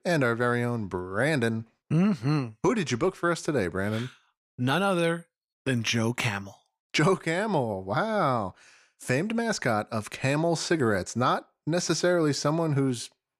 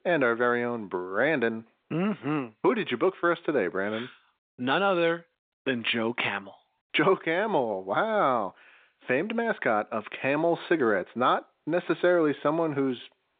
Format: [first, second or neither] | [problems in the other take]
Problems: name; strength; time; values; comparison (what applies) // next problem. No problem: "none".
first | phone-call audio; nothing above 3.5 kHz